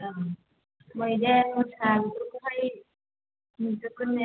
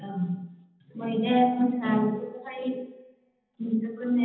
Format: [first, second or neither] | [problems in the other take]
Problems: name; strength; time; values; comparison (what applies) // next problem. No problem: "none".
first | room echo; dies away in 0.9 s